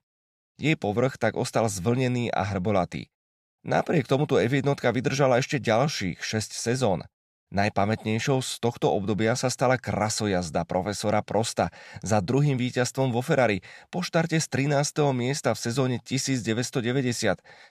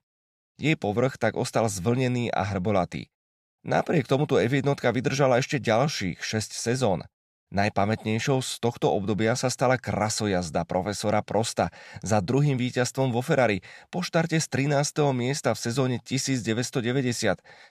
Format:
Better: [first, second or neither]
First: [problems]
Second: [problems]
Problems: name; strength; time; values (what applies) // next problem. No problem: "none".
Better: neither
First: none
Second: none